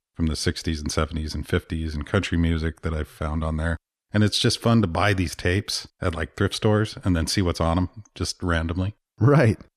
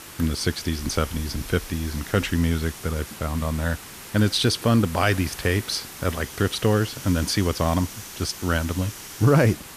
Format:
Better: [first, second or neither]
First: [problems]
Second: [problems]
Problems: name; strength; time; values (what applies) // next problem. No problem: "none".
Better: first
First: none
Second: hiss; noticeable; throughout; 15 dB below the speech